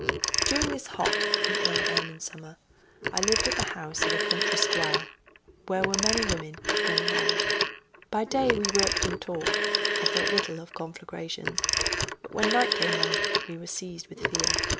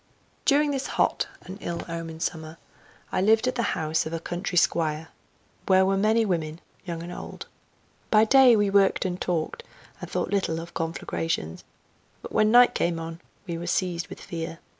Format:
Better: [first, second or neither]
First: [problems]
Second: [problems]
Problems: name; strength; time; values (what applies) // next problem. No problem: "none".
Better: second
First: background sound (Telephone); 5 dB above the speech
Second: none